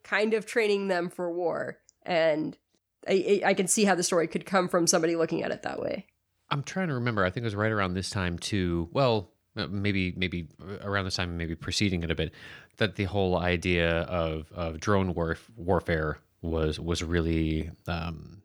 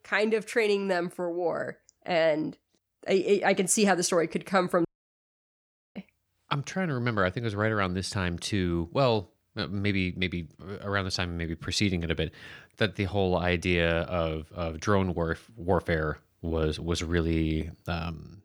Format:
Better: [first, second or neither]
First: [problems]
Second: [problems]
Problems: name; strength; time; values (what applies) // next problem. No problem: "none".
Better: first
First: none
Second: audio cutting out; at 5 s for 1 s